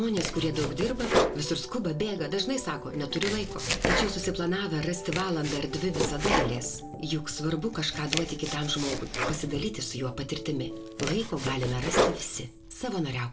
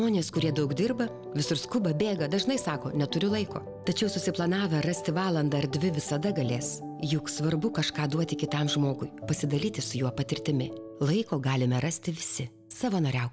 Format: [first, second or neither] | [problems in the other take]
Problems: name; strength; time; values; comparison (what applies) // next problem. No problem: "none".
second | background sound (Domestic sounds, home sounds); 2 dB below the speech // room echo; dies away in 0.2 s